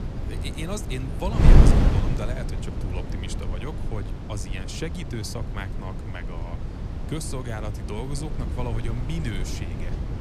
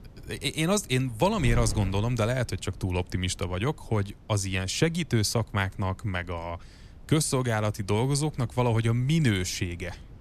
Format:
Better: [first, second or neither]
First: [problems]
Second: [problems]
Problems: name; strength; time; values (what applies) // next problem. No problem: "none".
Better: second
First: wind noise on the microphone; heavy; as loud as the speech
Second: wind noise on the microphone; occasional gusts; 25 dB below the speech